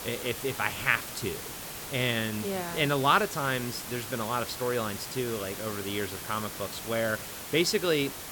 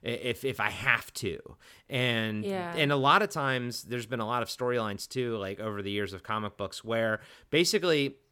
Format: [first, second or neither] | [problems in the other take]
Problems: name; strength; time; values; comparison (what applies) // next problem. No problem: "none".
second | hiss; loud; throughout; 8 dB below the speech